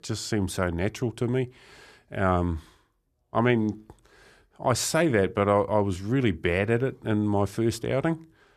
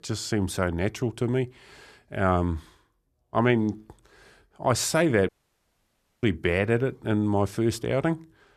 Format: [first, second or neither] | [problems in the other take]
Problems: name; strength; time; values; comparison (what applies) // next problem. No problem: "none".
first | audio cutting out; at 5.5 s for 1 s